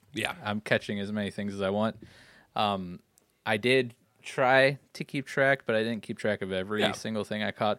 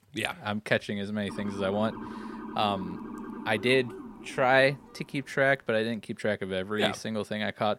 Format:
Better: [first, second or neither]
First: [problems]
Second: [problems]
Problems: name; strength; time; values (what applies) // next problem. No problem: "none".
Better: first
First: none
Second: siren; faint; from 1.5 to 5.5 s; peak 10 dB below the speech